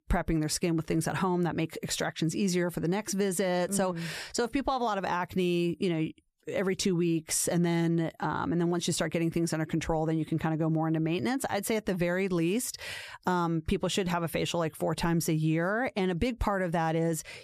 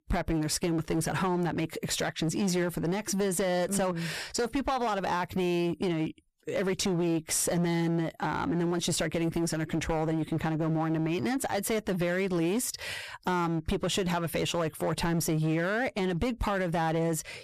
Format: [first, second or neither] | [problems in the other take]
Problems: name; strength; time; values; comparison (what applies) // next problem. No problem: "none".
first | distortion; slight; 14% of the sound clipped